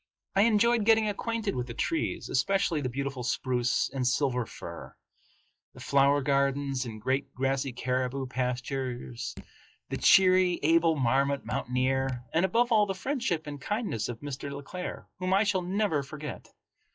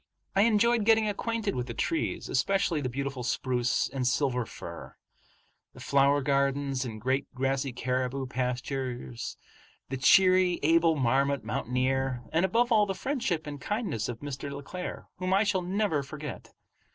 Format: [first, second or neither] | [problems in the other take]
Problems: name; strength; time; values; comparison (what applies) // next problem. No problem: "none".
second | noise reduction (classical method log-MMSE)